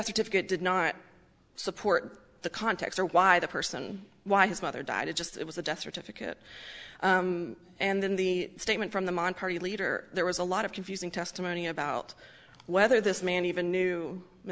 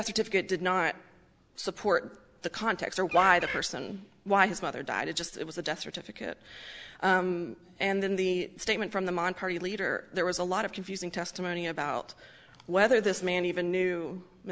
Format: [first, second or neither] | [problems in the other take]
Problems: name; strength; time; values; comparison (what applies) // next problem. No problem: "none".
first | background sound (Bird); 6 dB below the speech